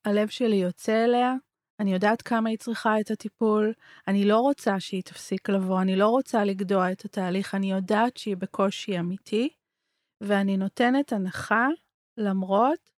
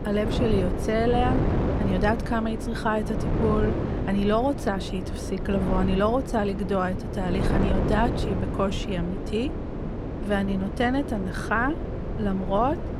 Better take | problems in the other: first | wind noise on the microphone; heavy; 6 dB below the speech

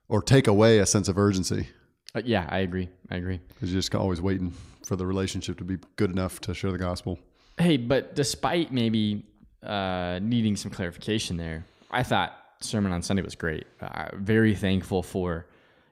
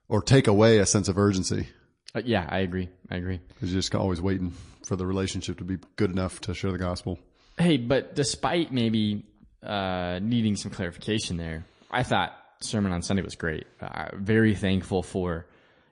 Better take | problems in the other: first | garbled, watery; slightly; nothing above 10 kHz

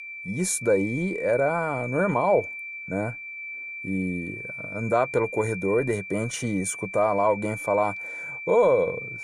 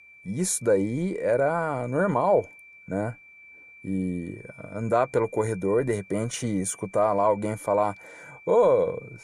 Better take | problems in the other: second | high-pitched whine; loud; throughout; 2.5 kHz, 9 dB below the speech; faint in the second

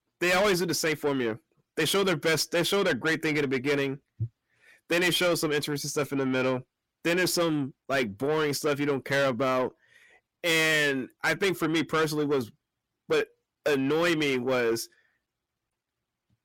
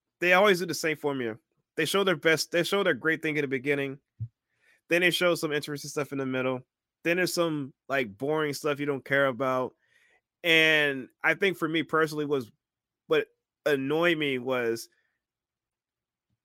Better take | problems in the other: second | distortion; heavy; 7 dB below the speech

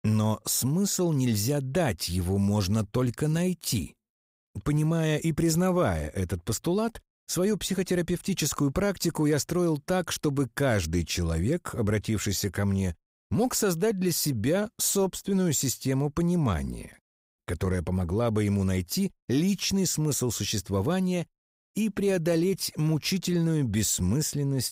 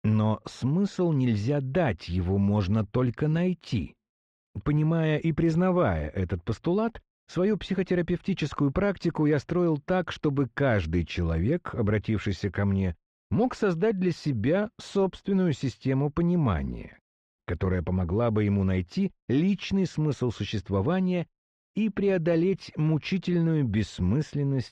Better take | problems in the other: first | muffled; very; fading above 3 kHz

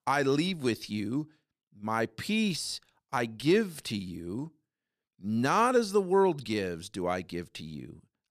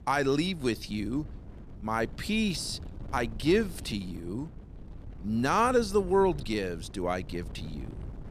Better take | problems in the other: first | wind noise on the microphone; occasional gusts; 25 dB below the speech

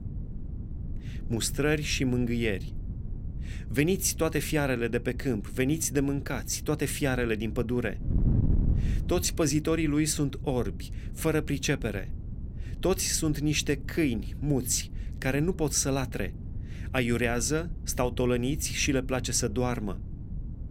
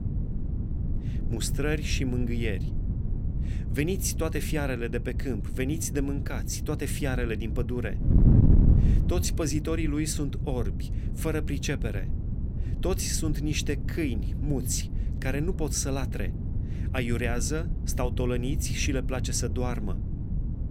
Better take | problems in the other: first | wind noise on the microphone; heavy; 9 dB below the speech; occasional gusts in the first

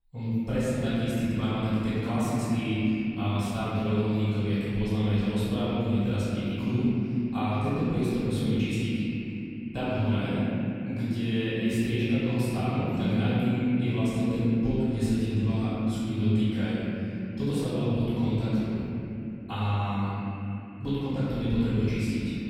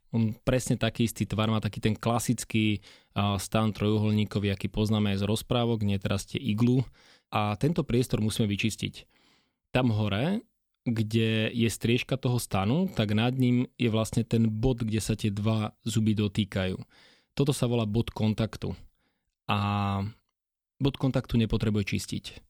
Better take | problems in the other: second | room echo; strong; dies away in 3 s // off-mic speech; far

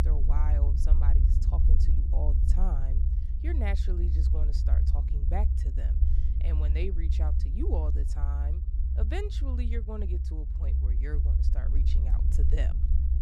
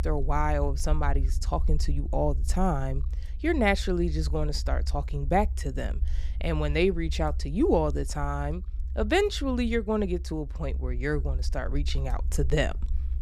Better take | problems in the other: second | low rumble; loud; throughout; 3 dB below the speech; faint in the second

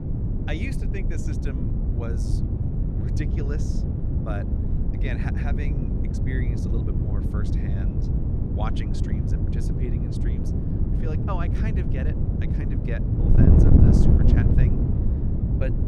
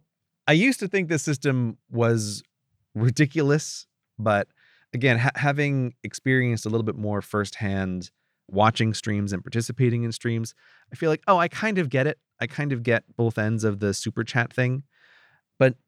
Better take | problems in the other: second | wind noise on the microphone; heavy; 4 dB above the speech

